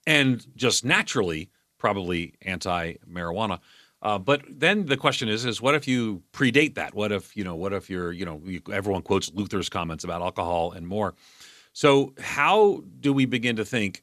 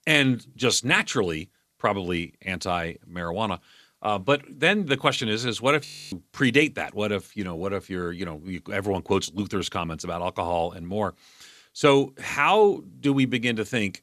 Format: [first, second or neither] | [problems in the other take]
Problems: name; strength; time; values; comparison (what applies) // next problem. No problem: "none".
first | audio freezing; at 6 s